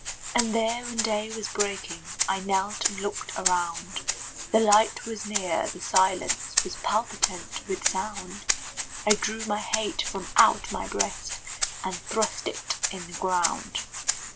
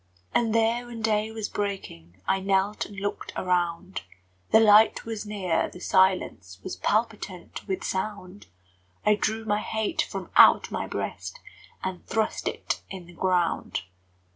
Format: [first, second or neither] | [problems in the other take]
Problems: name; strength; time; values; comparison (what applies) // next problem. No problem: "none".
second | background sound (Rattle (instrument)); 3 dB below the speech